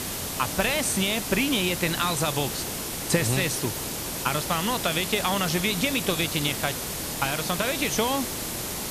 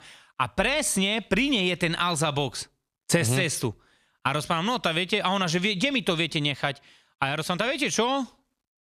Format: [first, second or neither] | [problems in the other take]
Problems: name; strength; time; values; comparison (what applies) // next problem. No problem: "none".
second | hiss; loud; throughout; 3 dB below the speech